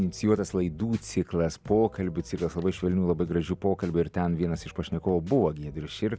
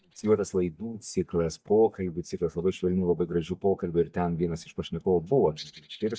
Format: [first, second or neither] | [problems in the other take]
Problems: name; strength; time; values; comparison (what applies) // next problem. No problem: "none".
first | noise reduction (neural mask model DeepFilterNet 3)